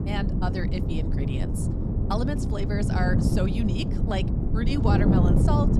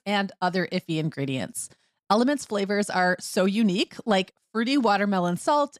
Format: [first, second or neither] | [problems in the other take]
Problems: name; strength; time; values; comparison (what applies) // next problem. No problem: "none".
second | wind noise on the microphone; heavy; 1 dB below the speech